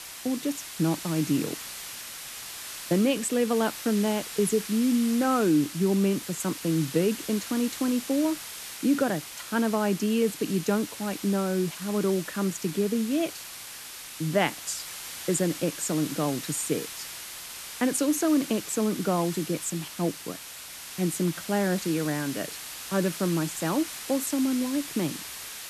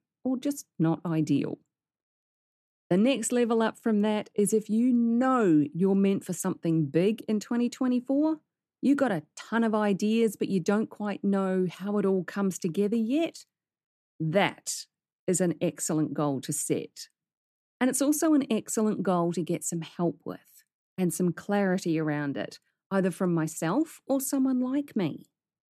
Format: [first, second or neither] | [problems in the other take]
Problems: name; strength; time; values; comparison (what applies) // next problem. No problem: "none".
second | hiss; loud; throughout; 9 dB below the speech